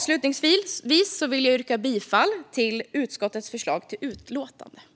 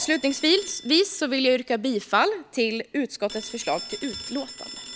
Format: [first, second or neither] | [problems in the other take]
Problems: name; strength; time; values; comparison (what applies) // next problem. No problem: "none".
first | background sound (Telephone); 16 dB below the speech